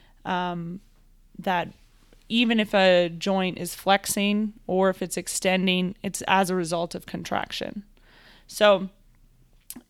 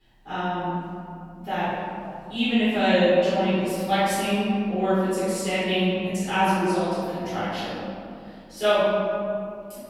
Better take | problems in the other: first | off-mic speech; far // room echo; strong; dies away in 2.4 s

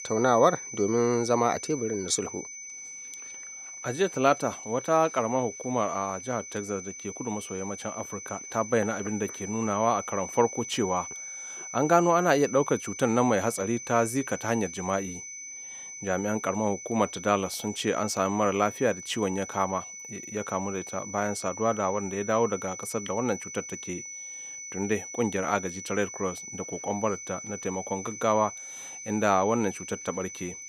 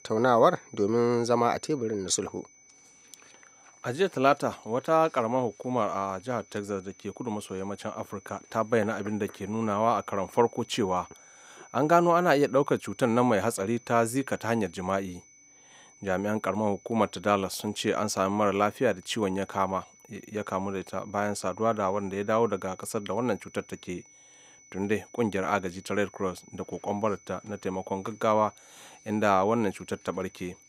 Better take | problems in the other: second | high-pitched whine; loud; throughout; 6 kHz, 10 dB below the speech; faint in the second

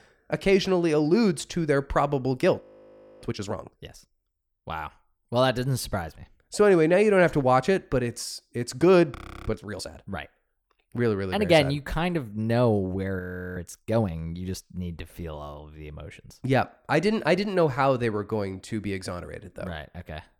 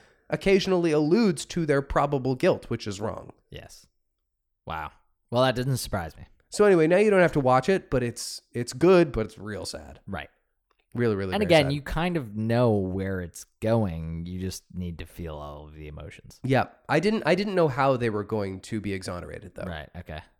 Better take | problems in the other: second | audio freezing; at 2.5 s for 0.5 s, at 9 s and at 13 s

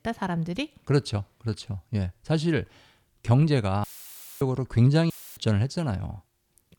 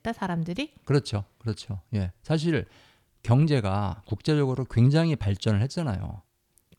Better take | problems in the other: second | audio cutting out; filled with static; at 4 s for 0.5 s and at 5 s

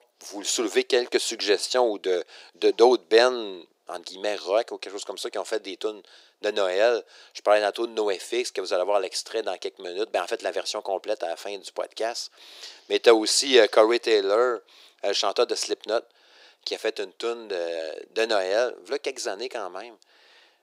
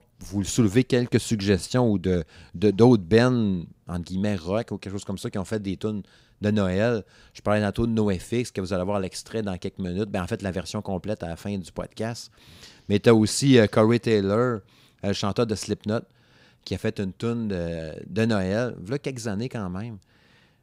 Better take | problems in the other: second | thin; very; fading below 350 Hz

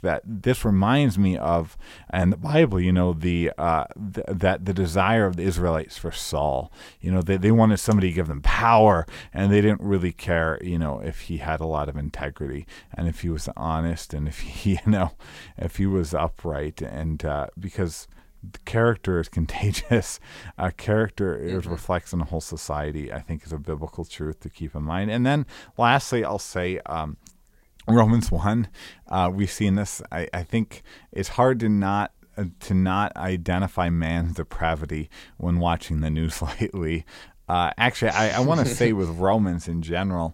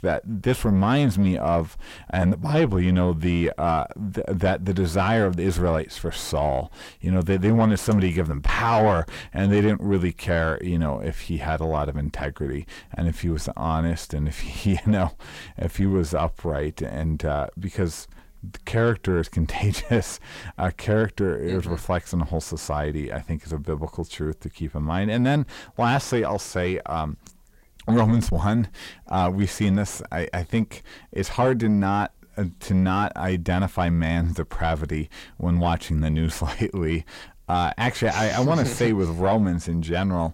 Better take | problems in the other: first | distortion; slight; 10 dB below the speech

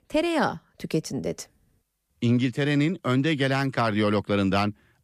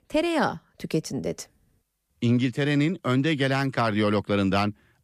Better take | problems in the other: neither | none

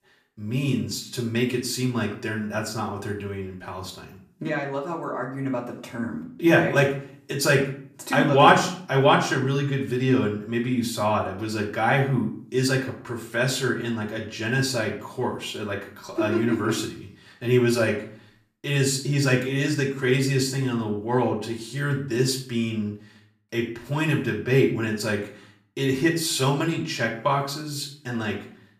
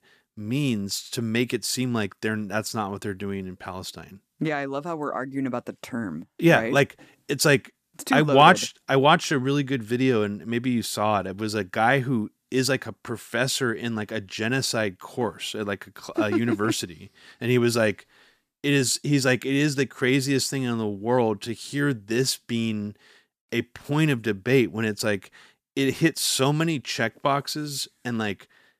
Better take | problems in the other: second | off-mic speech; far // room echo; slight; dies away in 0.4 s

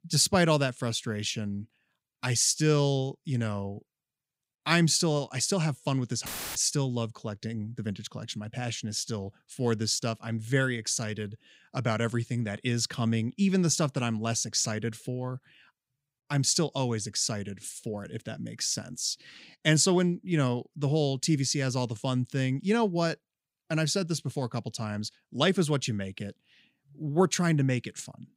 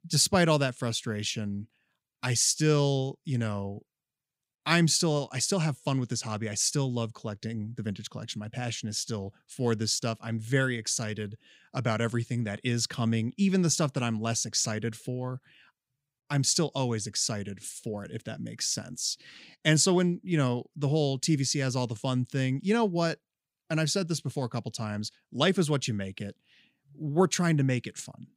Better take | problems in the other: second | audio cutting out; filled with static; at 6.5 s

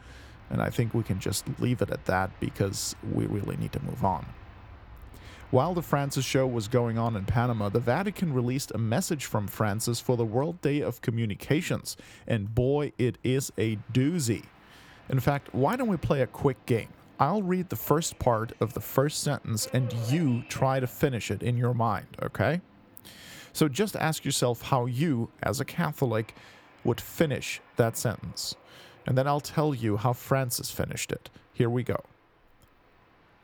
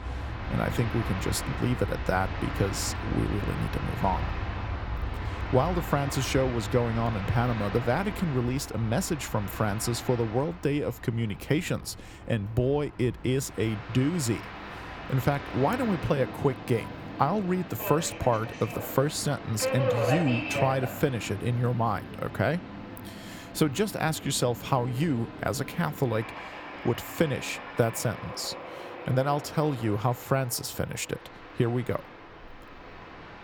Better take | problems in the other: first | train or aircraft noise; loud; throughout; 8 dB below the speech; faint in the first

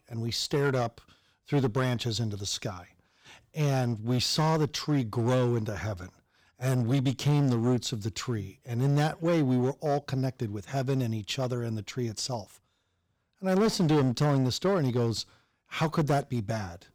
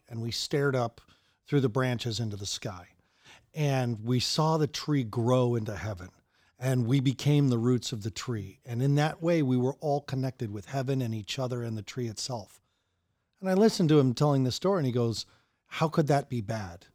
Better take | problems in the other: second | distortion; slight; 6% of the sound clipped

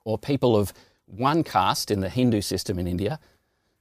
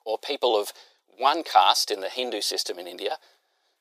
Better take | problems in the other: first | thin; very; fading below 400 Hz

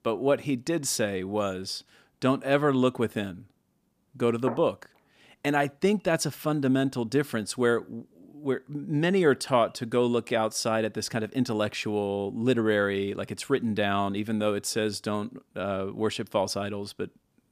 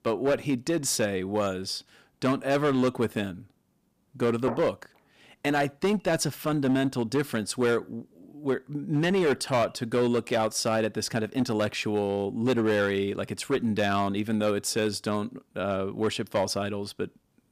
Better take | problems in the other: first | distortion; slight; 6% of the sound clipped

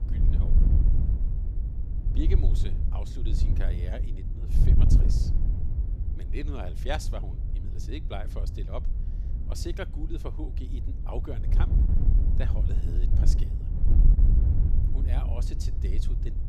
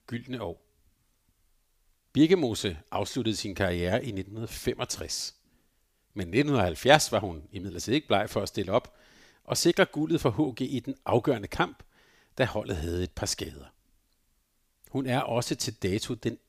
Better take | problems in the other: second | wind noise on the microphone; heavy; 3 dB below the speech

